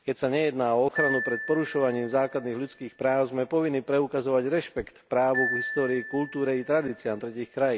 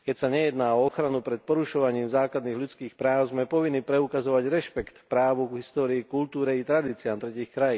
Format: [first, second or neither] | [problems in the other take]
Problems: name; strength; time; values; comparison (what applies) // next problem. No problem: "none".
second | background sound (Marimba, xylophone); 10 dB below the speech